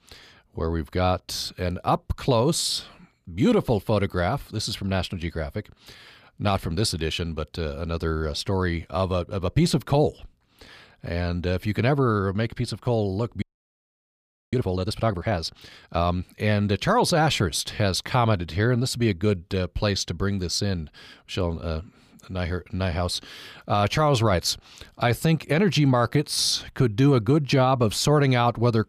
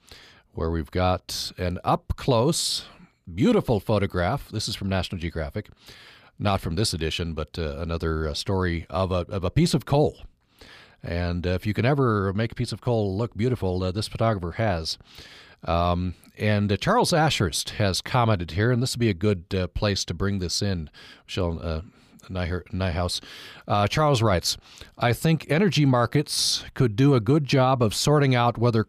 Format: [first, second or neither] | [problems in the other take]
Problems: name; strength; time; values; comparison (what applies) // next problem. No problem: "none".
second | audio freezing; at 13 s for 1 s